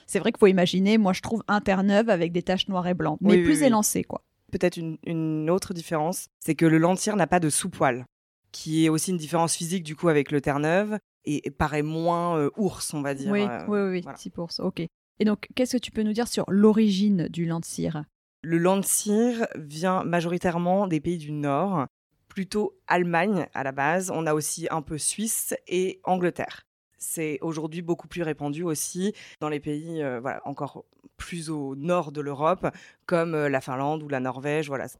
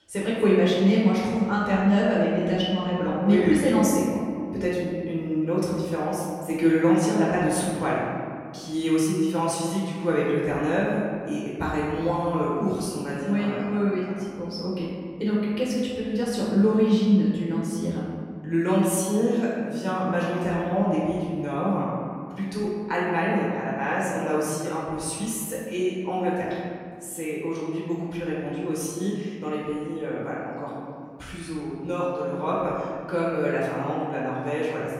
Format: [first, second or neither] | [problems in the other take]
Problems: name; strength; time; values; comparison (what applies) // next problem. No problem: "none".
first | off-mic speech; far // room echo; strong; dies away in 2.1 s